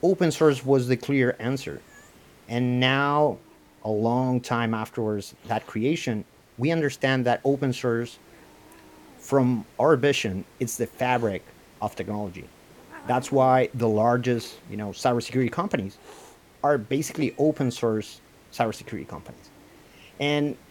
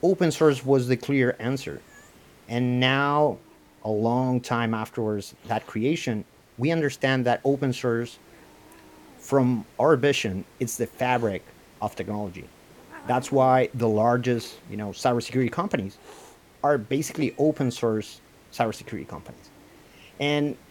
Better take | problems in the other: neither | hiss; faint; throughout; 25 dB below the speech; the same in both

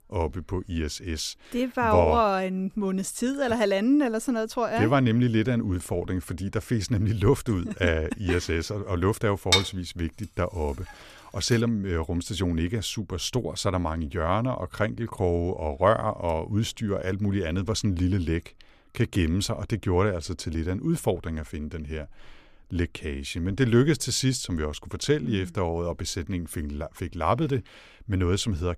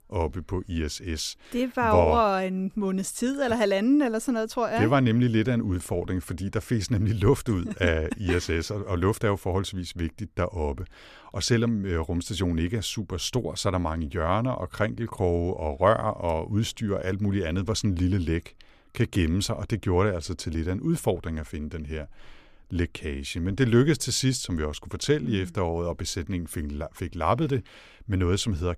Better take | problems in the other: second | clattering dishes; loud; at 9.5 s; peak 4 dB above the speech

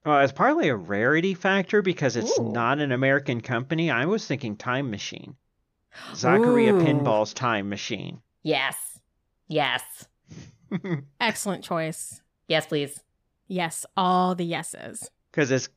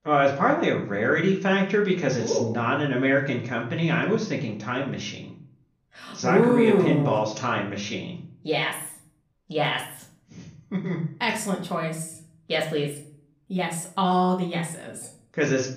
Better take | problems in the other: first | room echo; slight; dies away in 0.4 s // off-mic speech; far

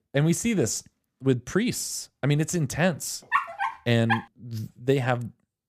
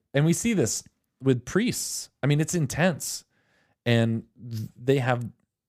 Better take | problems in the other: second | dog barking; loud; at 3.5 s; peak level with the speech

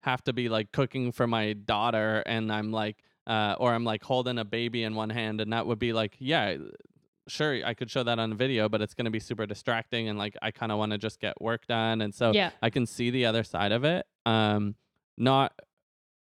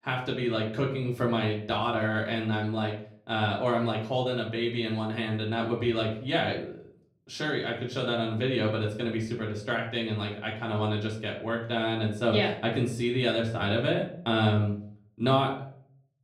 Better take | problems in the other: first | room echo; slight; dies away in 0.4 s // off-mic speech; far

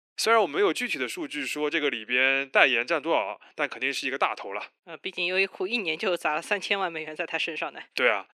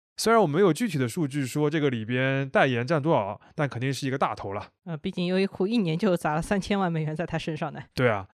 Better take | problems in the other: second | thin; somewhat; fading below 300 Hz

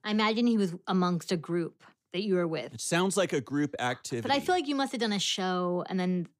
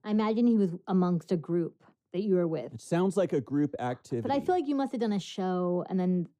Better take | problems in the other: first | muffled; slightly; fading above 1 kHz

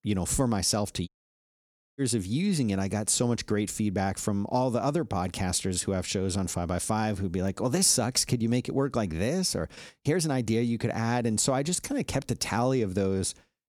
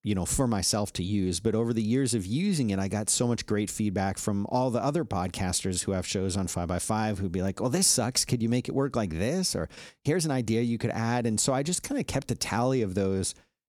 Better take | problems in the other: second | audio cutting out; at 1 s for 1 s

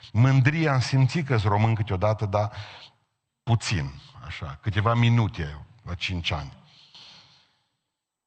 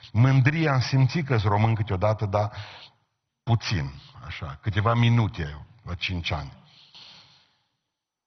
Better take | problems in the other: first | garbled, watery; badly; nothing above 6 kHz; slightly in the first

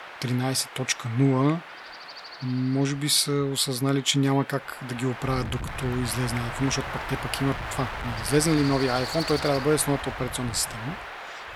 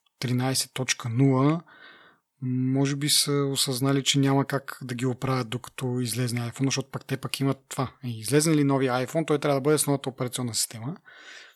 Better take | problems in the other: second | wind noise on the microphone; heavy; 6 dB below the speech

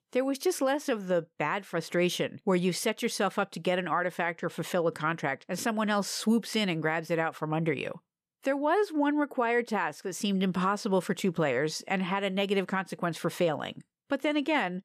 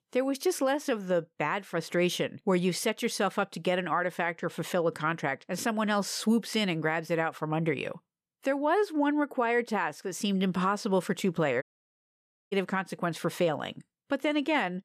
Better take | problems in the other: first | audio cutting out; at 12 s for 1 s

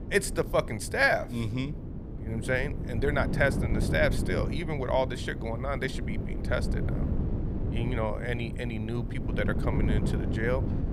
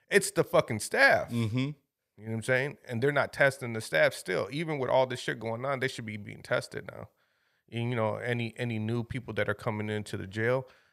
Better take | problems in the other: second | wind noise on the microphone; occasional gusts; 10 dB below the speech

